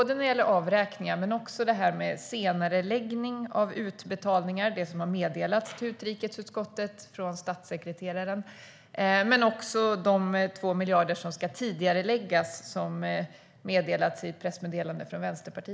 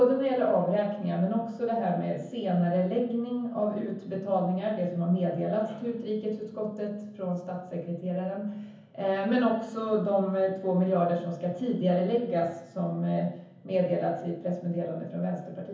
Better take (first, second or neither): first